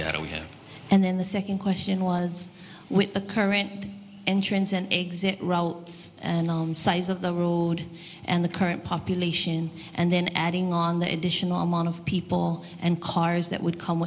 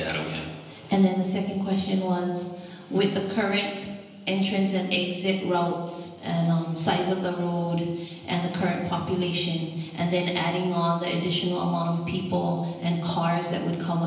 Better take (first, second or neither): first